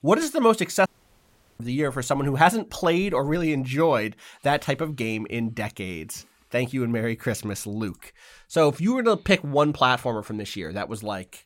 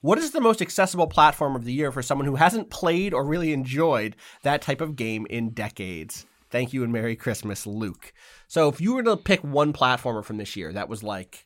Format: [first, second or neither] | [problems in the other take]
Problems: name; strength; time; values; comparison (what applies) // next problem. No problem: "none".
second | audio cutting out; at 1 s for 0.5 s